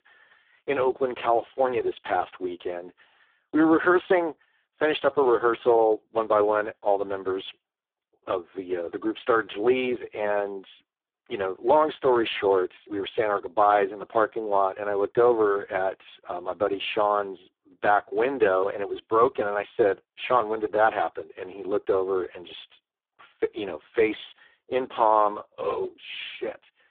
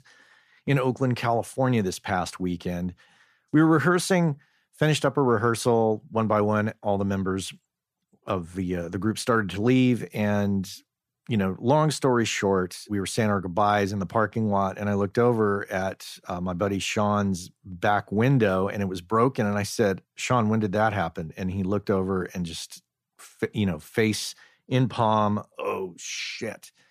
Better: second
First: phone-call audio; poor line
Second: none

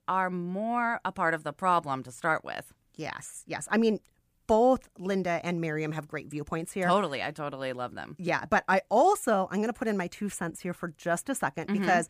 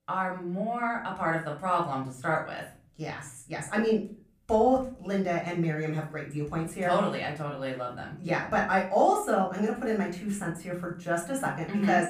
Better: first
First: none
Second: off-mic speech; far // room echo; slight; dies away in 0.4 s

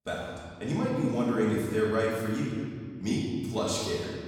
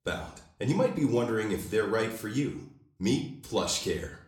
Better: second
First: room echo; strong; dies away in 2 s // off-mic speech; far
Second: room echo; slight; dies away in 0.4 s // off-mic speech; somewhat distant

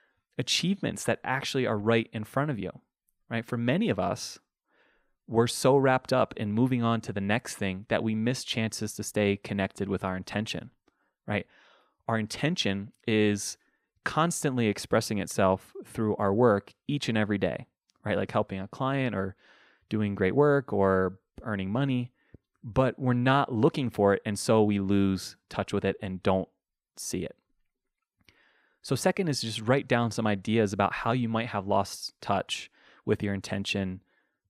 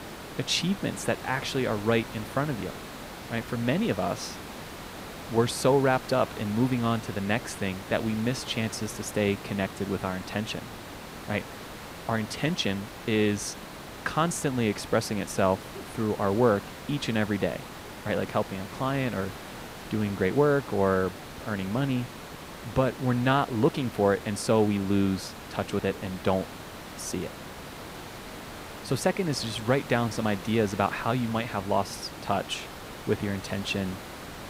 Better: first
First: none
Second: hiss; noticeable; throughout; 10 dB below the speech

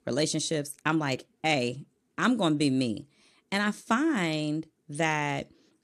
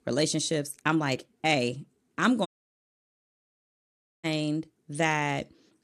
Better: first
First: none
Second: audio cutting out; at 2.5 s for 2 s

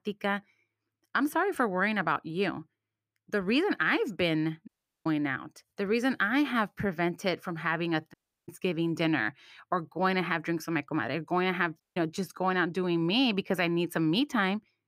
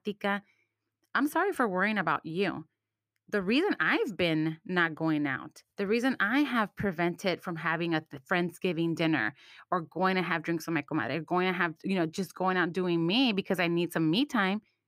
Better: second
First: audio cutting out; at 4.5 s, at 8 s and at 12 s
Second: none

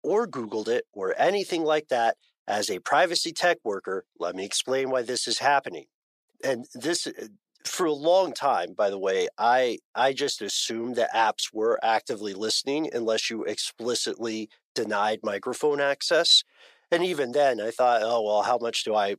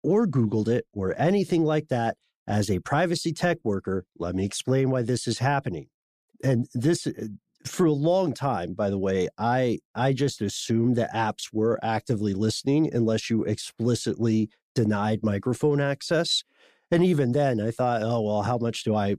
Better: second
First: thin; very; fading below 600 Hz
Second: none

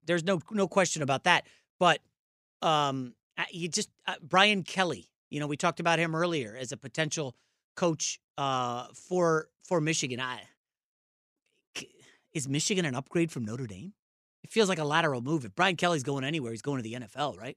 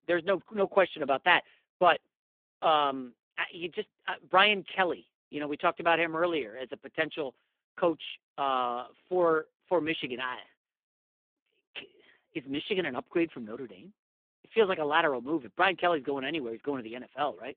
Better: first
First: none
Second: phone-call audio; poor line

